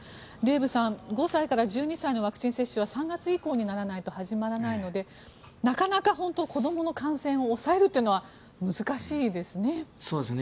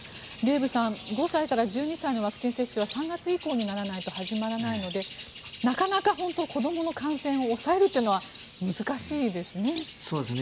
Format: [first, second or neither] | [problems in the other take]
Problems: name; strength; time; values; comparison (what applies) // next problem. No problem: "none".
first | background sound (Bird); 16 dB below the speech